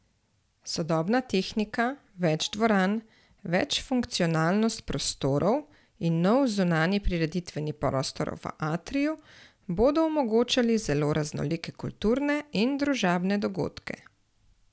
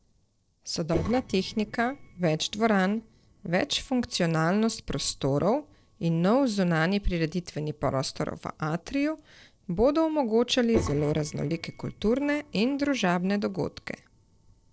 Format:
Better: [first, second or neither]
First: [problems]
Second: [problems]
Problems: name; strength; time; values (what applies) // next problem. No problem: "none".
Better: first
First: none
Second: noise reduction (neural separator model SepFormer DNS4)